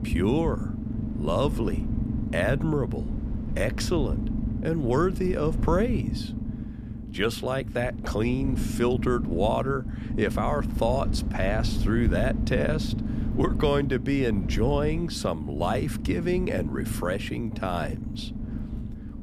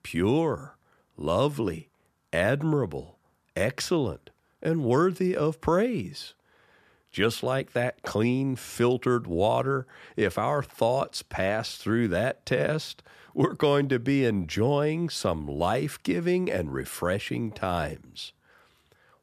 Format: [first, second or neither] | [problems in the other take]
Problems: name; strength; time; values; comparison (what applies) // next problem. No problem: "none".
second | low rumble; noticeable; throughout; 10 dB below the speech